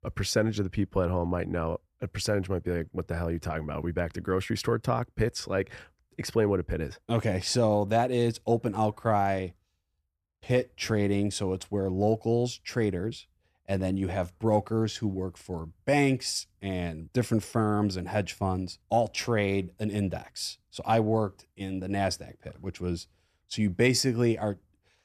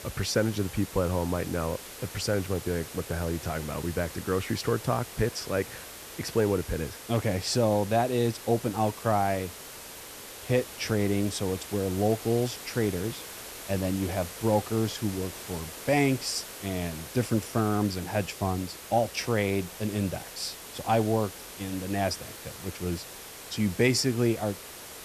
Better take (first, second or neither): first